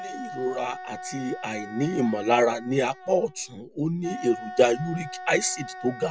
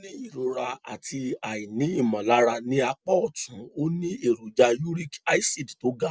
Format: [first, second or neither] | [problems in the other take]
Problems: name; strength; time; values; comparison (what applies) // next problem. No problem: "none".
second | background sound (Wind instrument, woodwind instrument); 13 dB below the speech